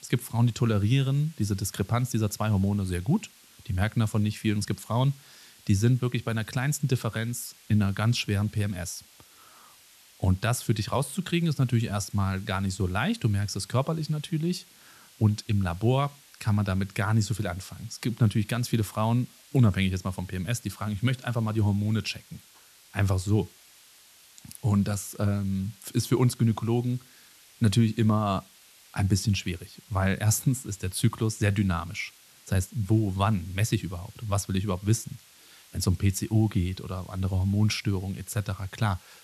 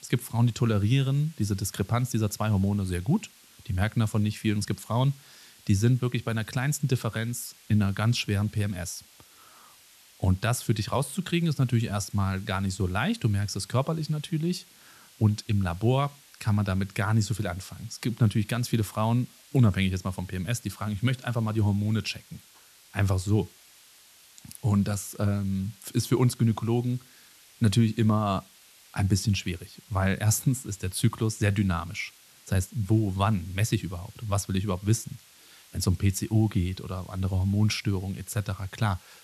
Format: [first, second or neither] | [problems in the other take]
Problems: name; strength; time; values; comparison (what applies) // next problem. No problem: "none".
neither | hiss; faint; throughout; 25 dB below the speech; the same in both